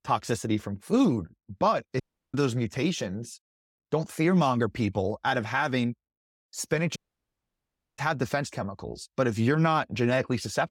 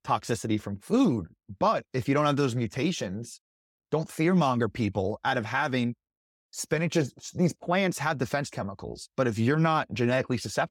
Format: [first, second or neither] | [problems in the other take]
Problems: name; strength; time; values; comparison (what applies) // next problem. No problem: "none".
second | audio cutting out; at 2 s and at 7 s for 1 s